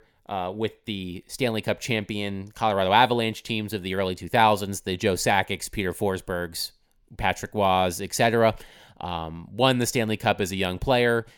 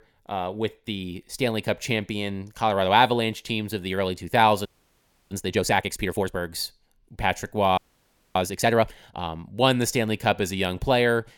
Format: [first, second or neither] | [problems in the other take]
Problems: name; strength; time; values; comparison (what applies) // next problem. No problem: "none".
first | audio freezing; at 4.5 s for 0.5 s and at 8 s for 0.5 s